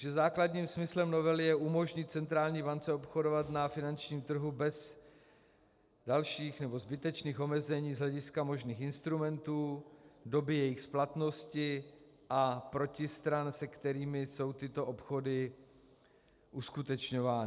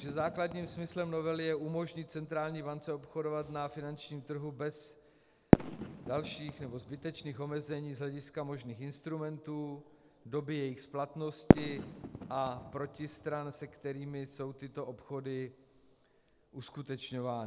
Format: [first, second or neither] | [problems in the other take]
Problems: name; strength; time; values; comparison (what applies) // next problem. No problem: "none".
first | background sound (Fireworks); 2 dB above the speech